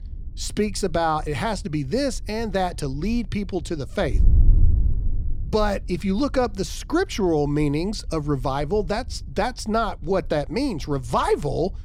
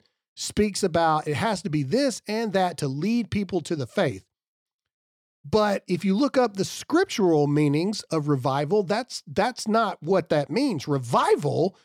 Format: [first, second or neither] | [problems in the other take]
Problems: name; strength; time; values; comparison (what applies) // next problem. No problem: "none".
second | wind noise on the microphone; occasional gusts; 25 dB below the speech